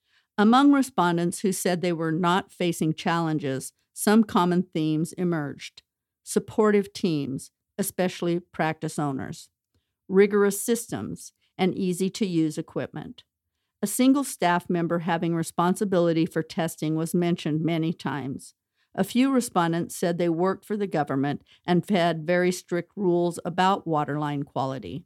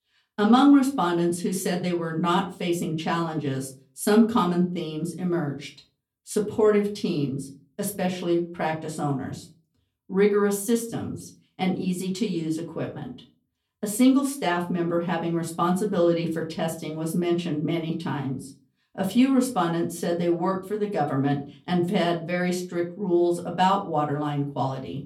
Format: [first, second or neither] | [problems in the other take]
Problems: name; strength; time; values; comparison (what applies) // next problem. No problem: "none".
first | off-mic speech; far // room echo; very slight; dies away in 0.3 s